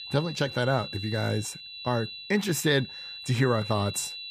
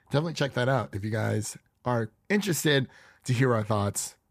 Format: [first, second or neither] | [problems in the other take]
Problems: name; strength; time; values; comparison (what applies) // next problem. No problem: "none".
second | high-pitched whine; loud; throughout; 4 kHz, 10 dB below the speech